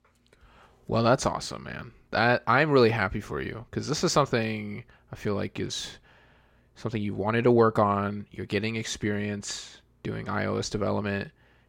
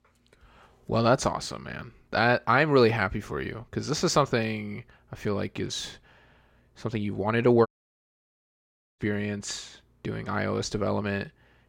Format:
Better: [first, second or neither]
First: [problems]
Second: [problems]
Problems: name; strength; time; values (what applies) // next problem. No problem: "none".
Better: first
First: none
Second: audio cutting out; at 7.5 s for 1.5 s